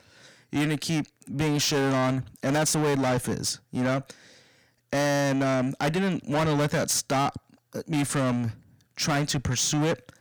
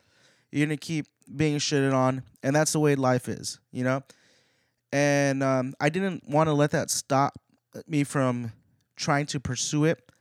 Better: second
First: distortion; heavy; 5 dB below the speech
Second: none

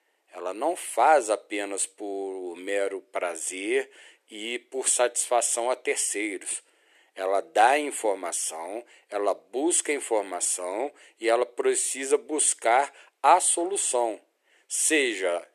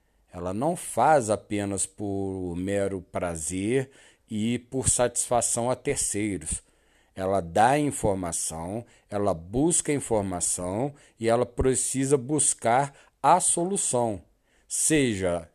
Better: second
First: thin; very; fading below 350 Hz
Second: none

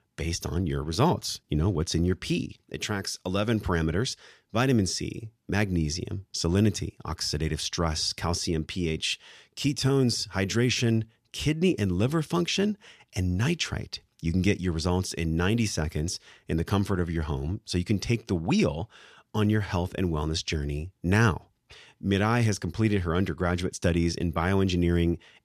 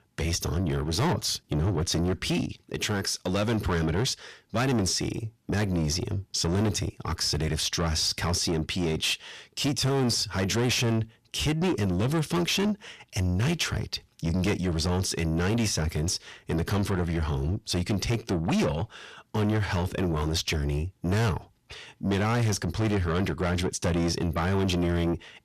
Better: first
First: none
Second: distortion; heavy; 7 dB below the speech

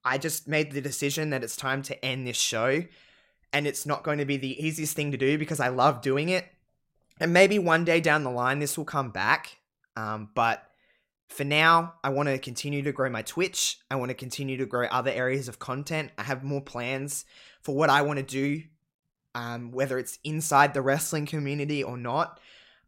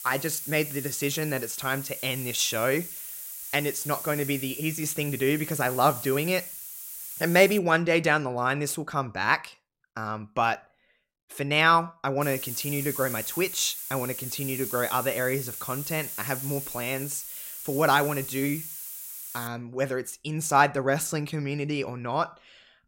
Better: first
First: none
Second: hiss; loud; until 7.5 s and from 12 to 19 s; 7 dB below the speech

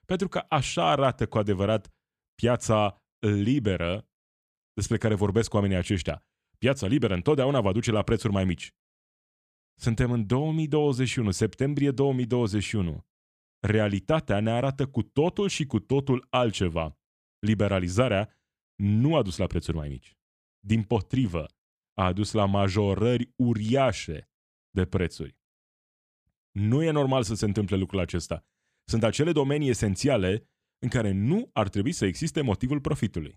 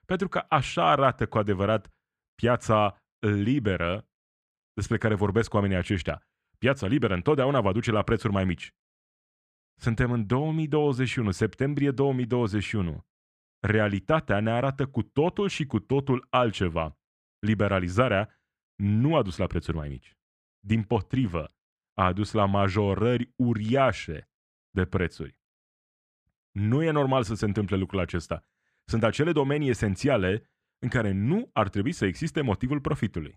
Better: first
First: none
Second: muffled; slightly; fading above 4 kHz

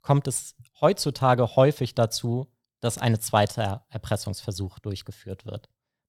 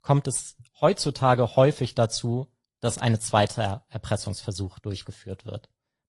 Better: first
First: none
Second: garbled, watery; slightly

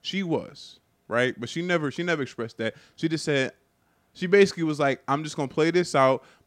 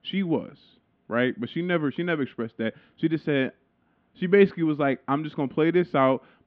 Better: first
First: none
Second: muffled; very; fading above 3 kHz

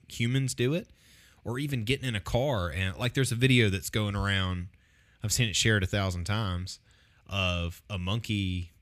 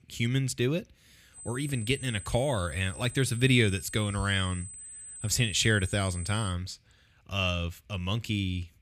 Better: first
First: none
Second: high-pitched whine; noticeable; from 1.5 to 6.5 s; 8 kHz, 15 dB below the speech

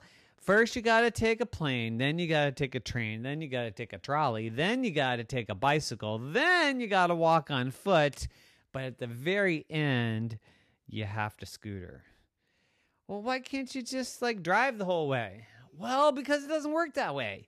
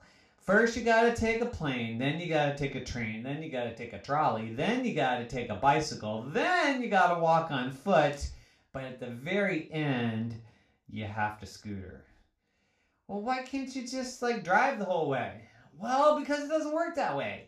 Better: first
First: none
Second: room echo; slight; dies away in 0.3 s // off-mic speech; somewhat distant

